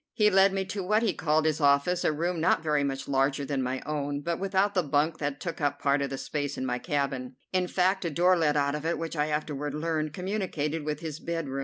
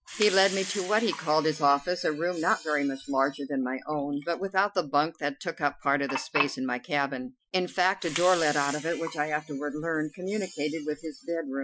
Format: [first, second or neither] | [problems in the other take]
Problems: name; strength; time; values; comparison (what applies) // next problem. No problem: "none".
first | noise reduction (classical method Wiener filter)